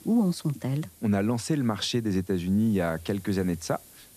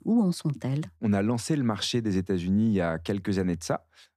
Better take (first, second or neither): second